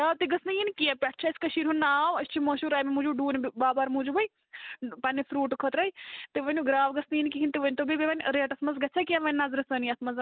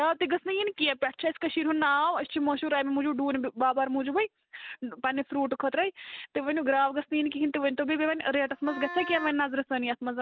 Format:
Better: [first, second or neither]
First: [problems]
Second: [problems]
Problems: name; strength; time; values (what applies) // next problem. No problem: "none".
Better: first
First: none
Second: background sound (Wind instrument, woodwind instrument); 12 dB below the speech